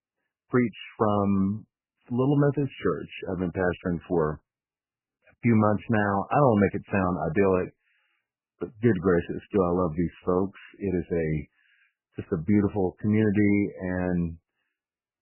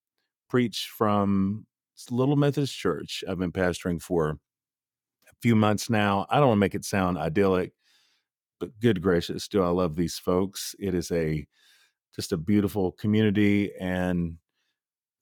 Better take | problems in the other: second | garbled, watery; badly; nothing above 3 kHz

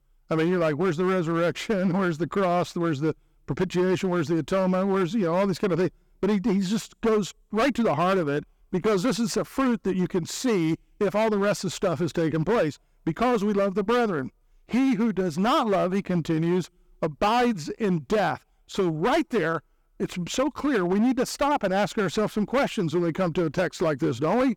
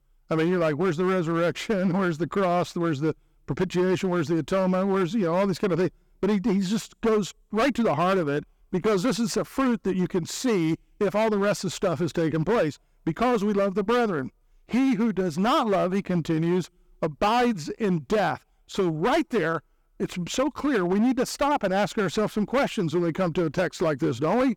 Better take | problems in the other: neither | distortion; slight; 12% of the sound clipped; the same in both

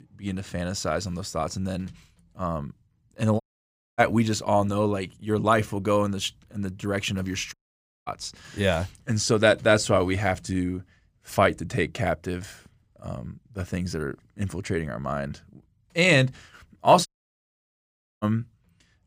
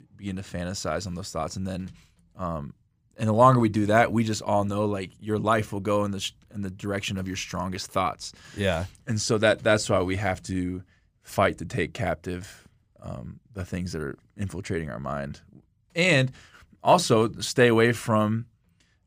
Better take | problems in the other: second | audio cutting out; at 3.5 s for 0.5 s, at 7.5 s for 0.5 s and at 17 s for 1 s

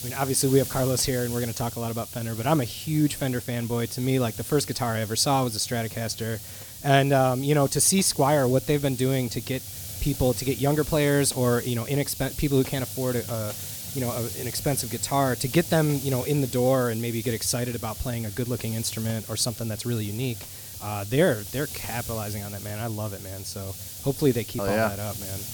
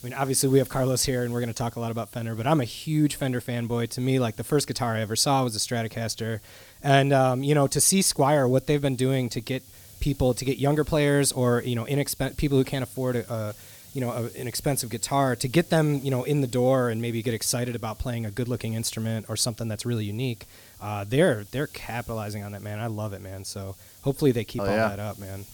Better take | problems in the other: second | hiss; loud; throughout; 10 dB below the speech; faint in the second

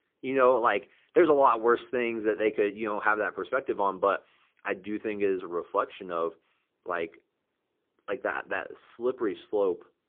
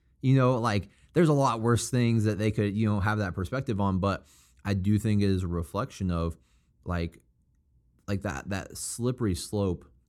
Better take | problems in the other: second | phone-call audio; poor line

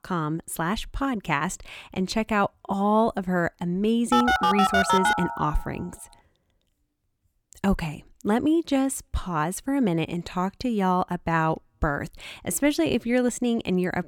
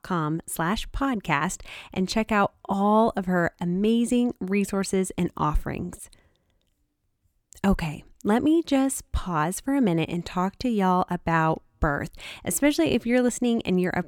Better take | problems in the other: second | phone ringing; loud; from 4 to 5.5 s; peak 5 dB above the speech

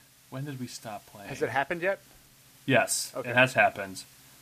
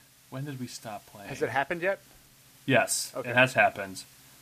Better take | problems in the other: neither | hiss; faint; throughout; 25 dB below the speech; the same in both

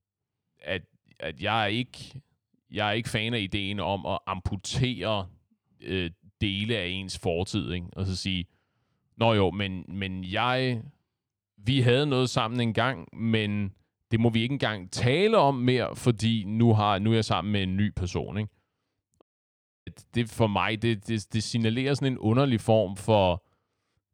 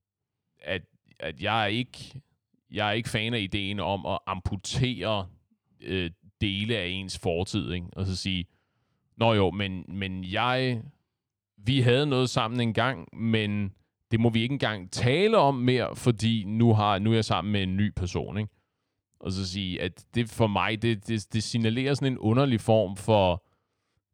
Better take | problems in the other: second | audio cutting out; at 19 s for 0.5 s

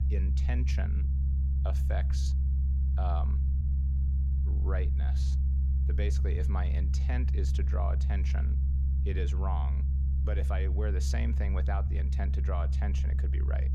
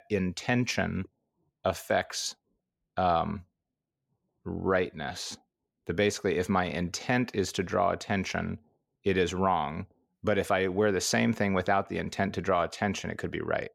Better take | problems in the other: second | low rumble; loud; throughout; 5 dB below the speech

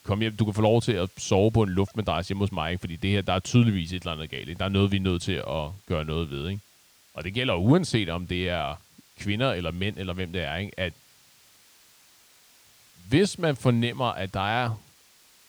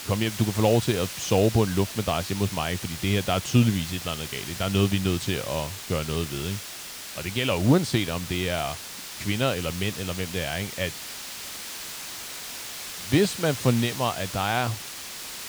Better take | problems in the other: first | hiss; loud; throughout; 9 dB below the speech; faint in the first

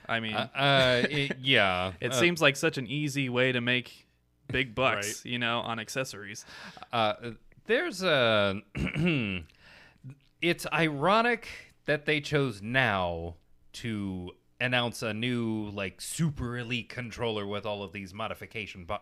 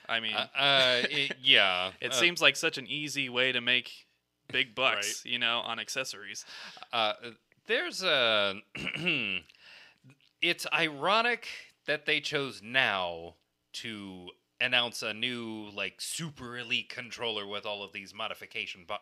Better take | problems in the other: first | thin; very slightly; fading below 950 Hz

